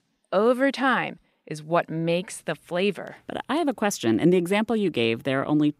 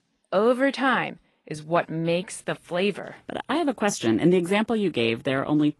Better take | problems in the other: first | garbled, watery; slightly; nothing above 11 kHz

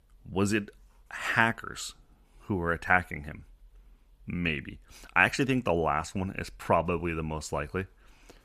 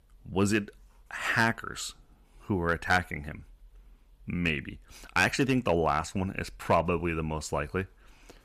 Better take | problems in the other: first | distortion; slight; 0.7% of the sound clipped

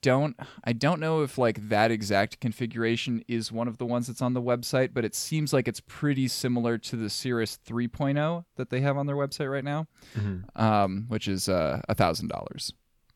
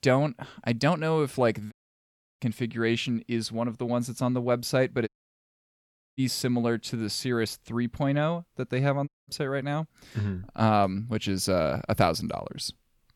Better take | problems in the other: first | audio cutting out; at 1.5 s for 0.5 s, at 5 s for 1 s and at 9 s

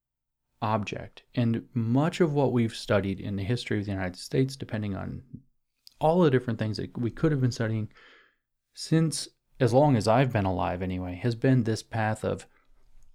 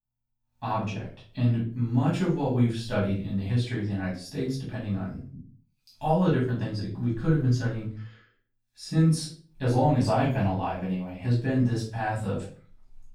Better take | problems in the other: first | off-mic speech; far // room echo; noticeable; dies away in 0.4 s

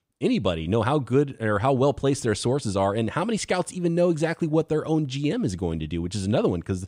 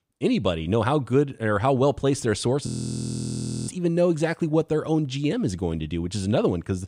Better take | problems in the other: first | audio freezing; at 2.5 s for 1 s

